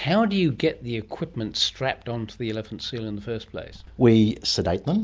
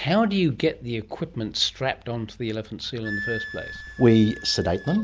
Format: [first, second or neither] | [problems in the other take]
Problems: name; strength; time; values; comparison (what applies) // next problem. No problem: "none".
first | background sound (Wind instrument, woodwind instrument); 15 dB below the speech